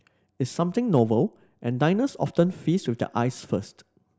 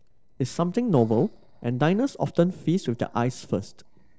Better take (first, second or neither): first